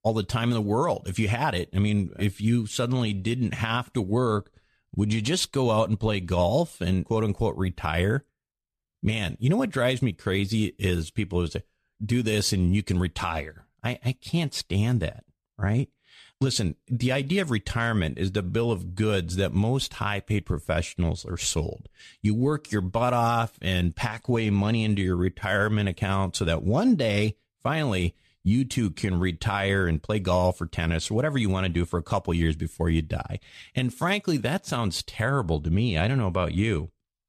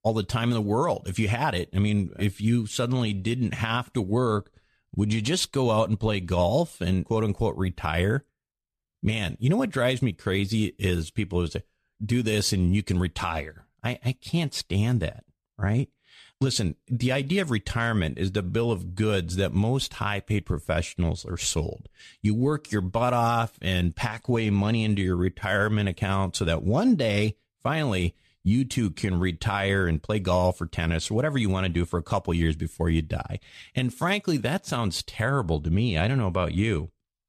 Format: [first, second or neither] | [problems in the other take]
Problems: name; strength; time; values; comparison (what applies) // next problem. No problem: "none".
neither | none